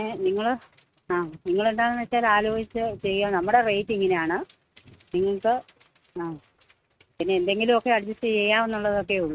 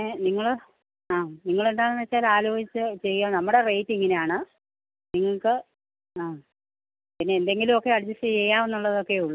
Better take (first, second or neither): second